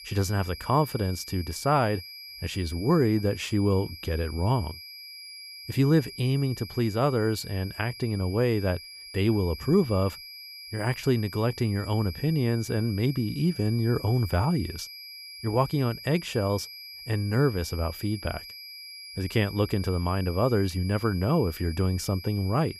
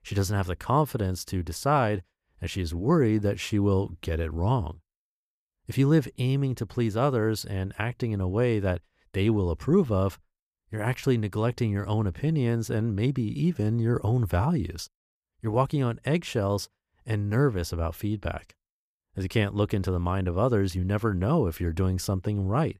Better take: second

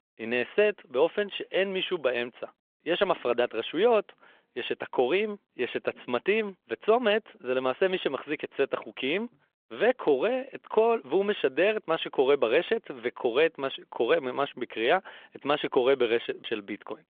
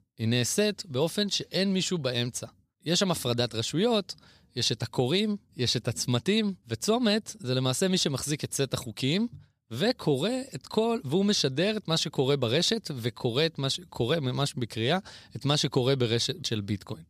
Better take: second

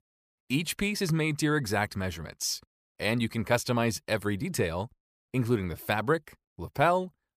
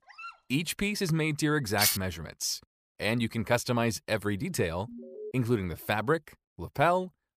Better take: first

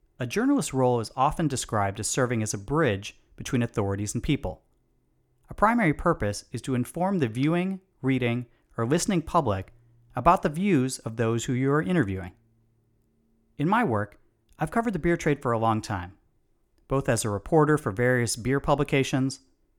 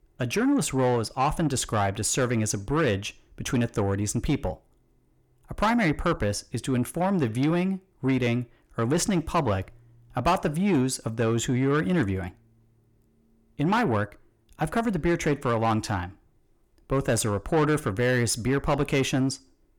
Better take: first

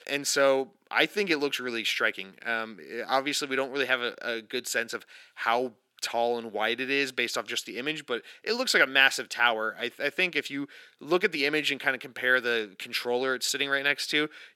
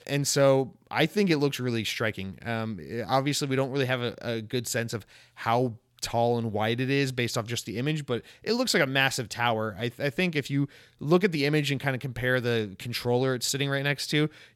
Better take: second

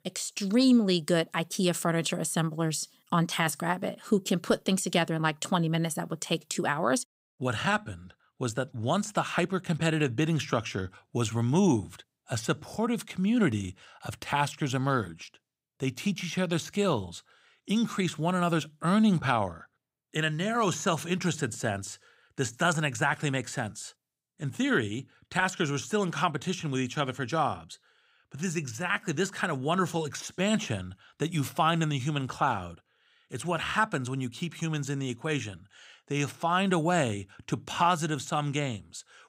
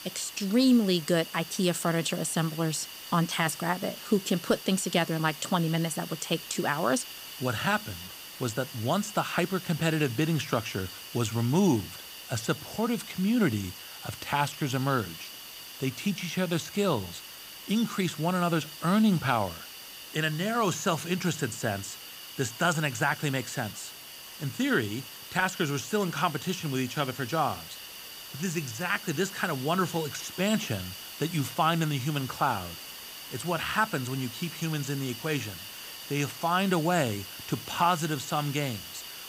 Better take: first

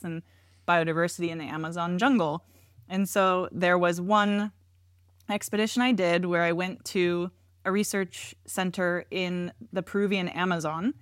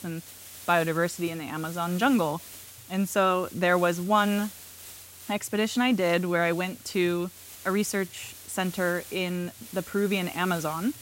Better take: first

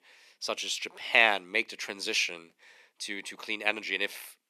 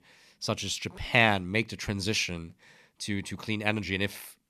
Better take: second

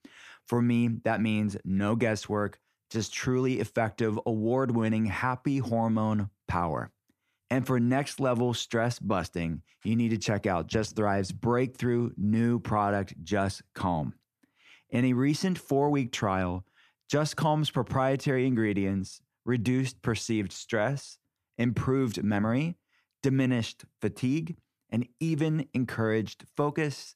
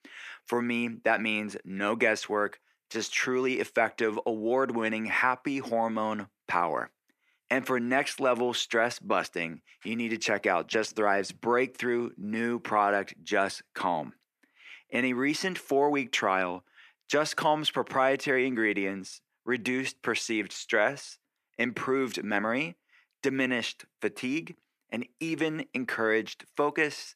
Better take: first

